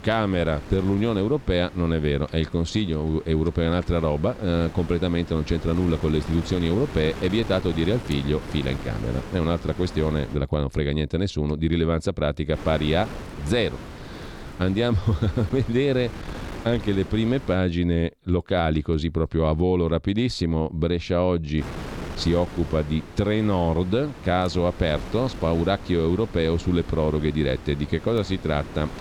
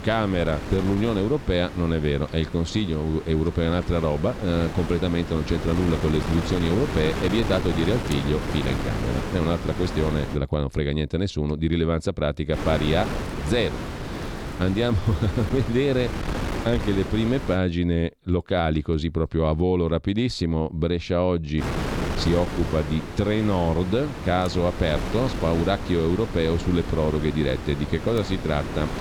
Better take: first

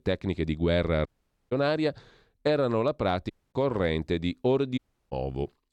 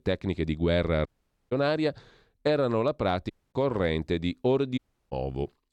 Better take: neither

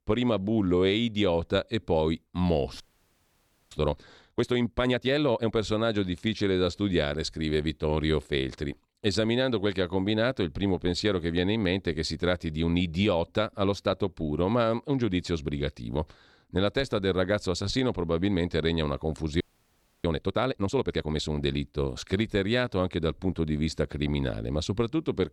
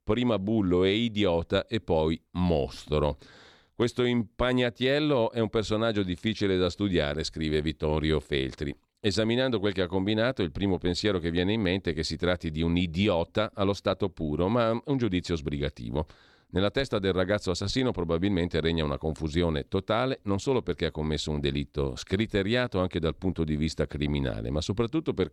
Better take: second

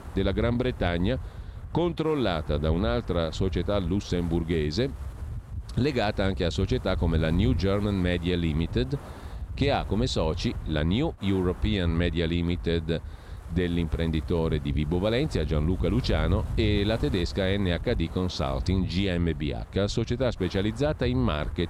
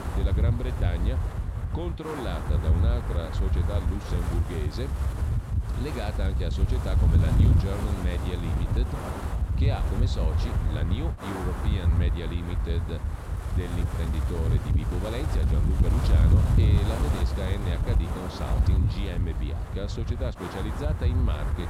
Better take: first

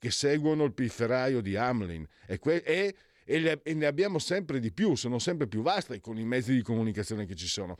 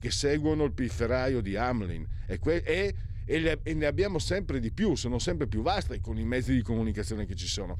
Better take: first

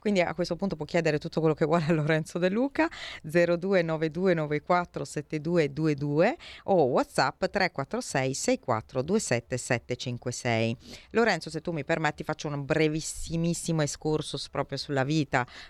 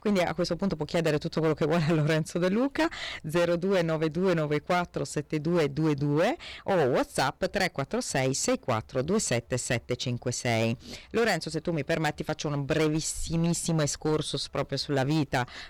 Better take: first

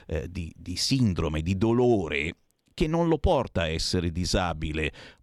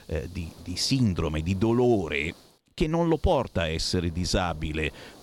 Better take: first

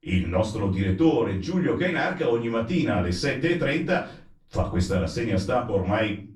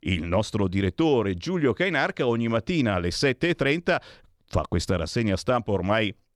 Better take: second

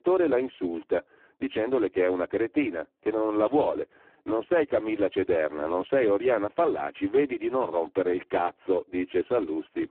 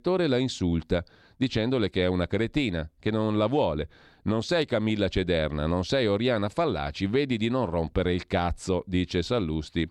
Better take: second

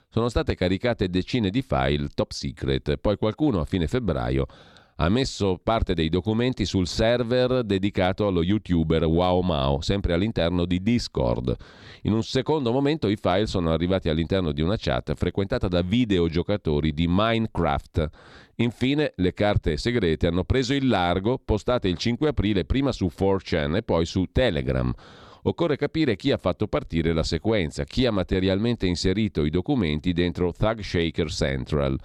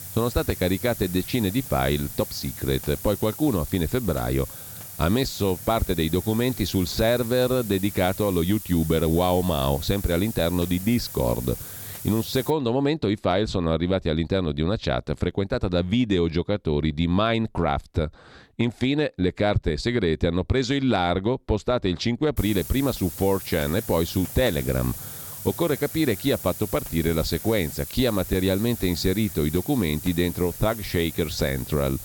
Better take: first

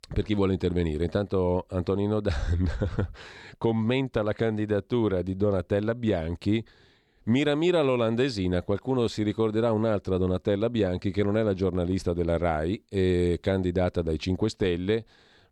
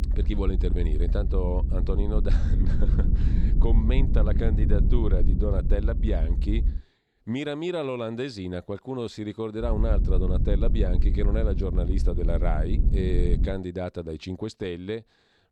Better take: first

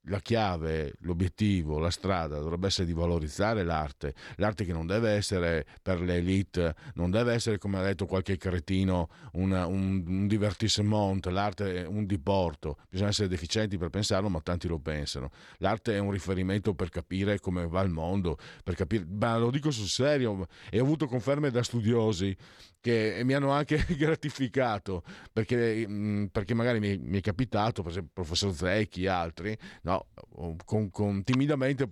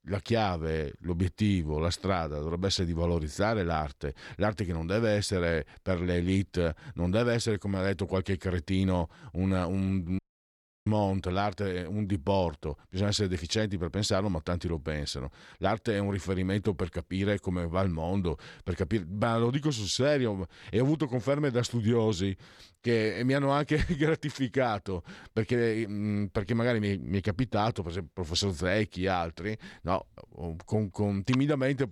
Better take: first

